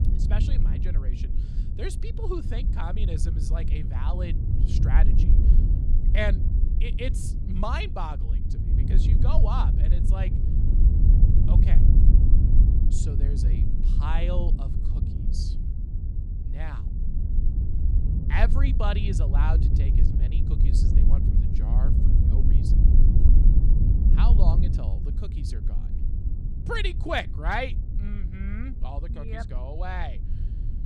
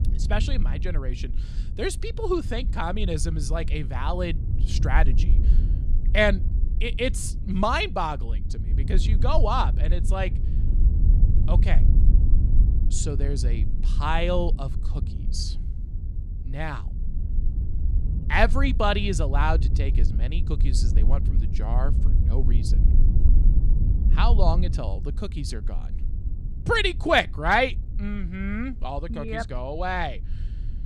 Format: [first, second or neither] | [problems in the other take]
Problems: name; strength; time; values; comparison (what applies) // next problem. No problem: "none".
second | wind noise on the microphone; heavy; 6 dB below the speech; occasional gusts in the second